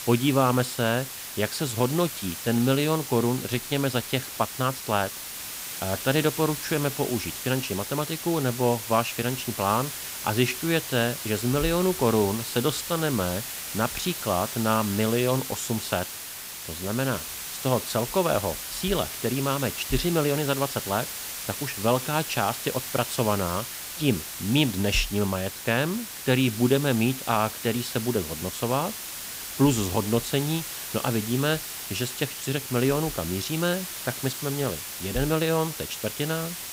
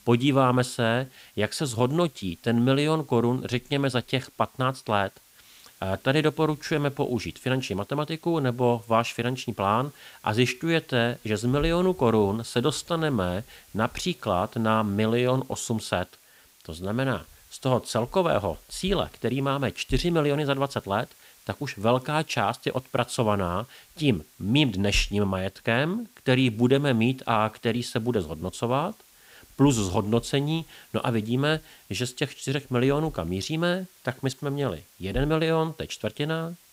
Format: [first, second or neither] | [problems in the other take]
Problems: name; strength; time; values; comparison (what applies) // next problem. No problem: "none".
second | hiss; loud; throughout; 6 dB below the speech; faint in the second